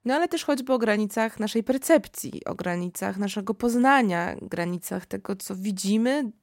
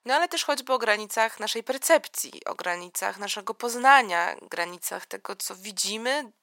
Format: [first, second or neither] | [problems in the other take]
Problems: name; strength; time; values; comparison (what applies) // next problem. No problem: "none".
first | thin; very; fading below 700 Hz